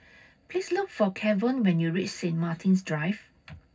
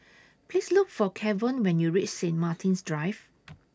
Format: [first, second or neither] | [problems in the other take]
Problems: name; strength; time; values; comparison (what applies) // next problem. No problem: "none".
second | room echo; dies away in 0.4 s